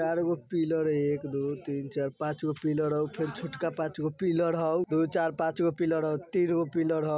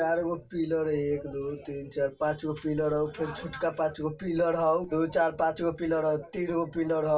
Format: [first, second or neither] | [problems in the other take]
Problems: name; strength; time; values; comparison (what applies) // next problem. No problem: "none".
first | room echo; dies away in 0.2 s